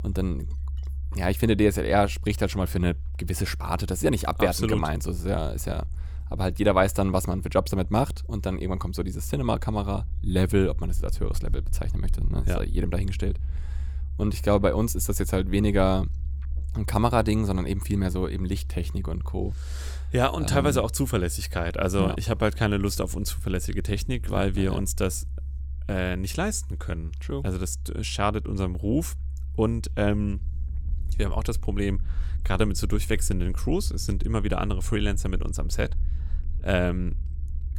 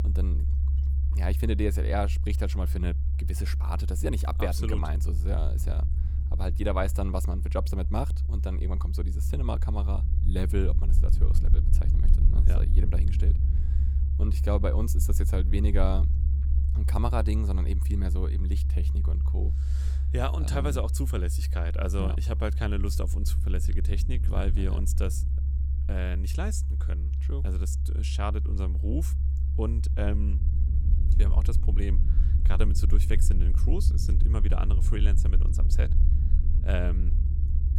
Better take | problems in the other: first | low rumble; loud; throughout; 8 dB below the speech; faint in the first

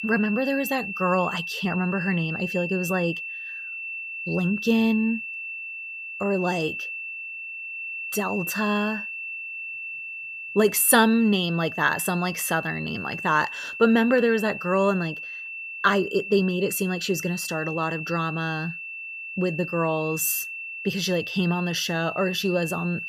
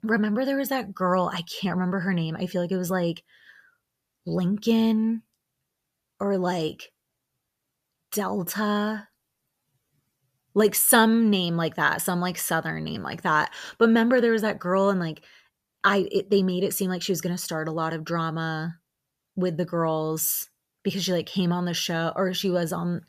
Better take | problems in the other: second | high-pitched whine; loud; throughout; 2.5 kHz, 7 dB below the speech

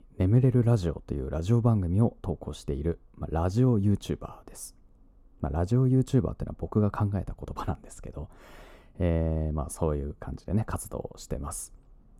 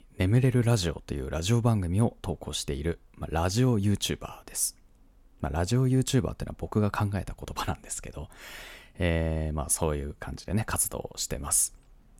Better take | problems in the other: second | muffled; slightly; fading above 1 kHz

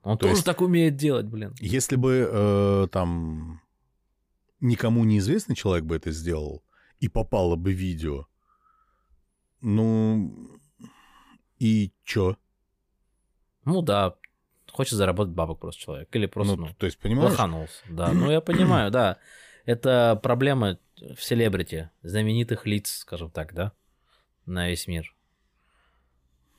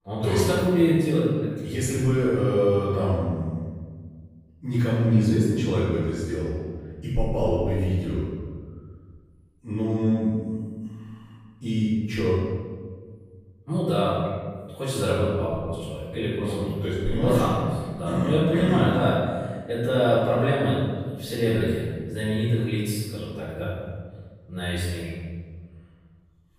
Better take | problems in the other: first | off-mic speech; far // room echo; strong; dies away in 1.5 s

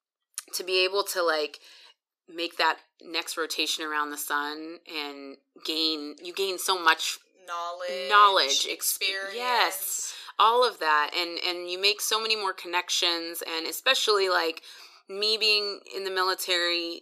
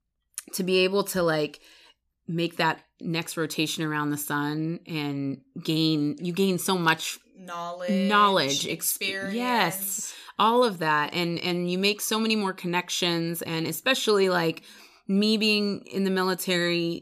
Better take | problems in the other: second | thin; very; fading below 350 Hz

